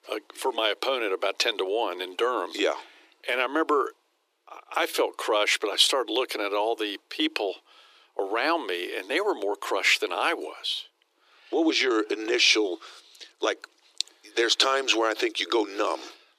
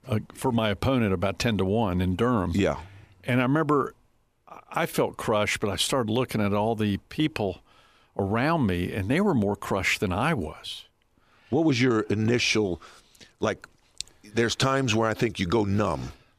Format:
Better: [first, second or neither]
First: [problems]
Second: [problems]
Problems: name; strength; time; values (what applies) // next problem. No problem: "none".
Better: second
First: thin; very; fading below 300 Hz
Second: none